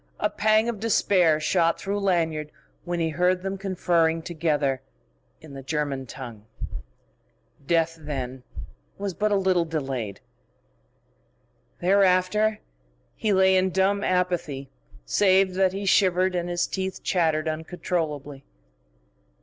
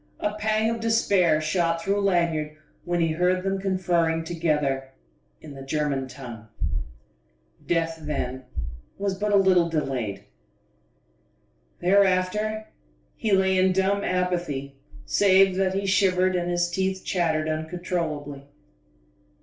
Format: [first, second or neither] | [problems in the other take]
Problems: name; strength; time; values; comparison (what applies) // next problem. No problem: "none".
first | room echo; dies away in 0.3 s